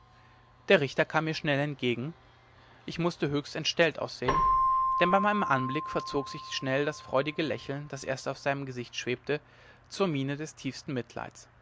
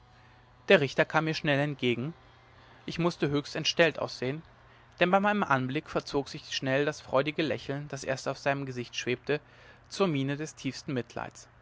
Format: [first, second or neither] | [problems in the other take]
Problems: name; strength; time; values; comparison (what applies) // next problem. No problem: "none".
second | background sound (Keyboard (musical)); 5 dB below the speech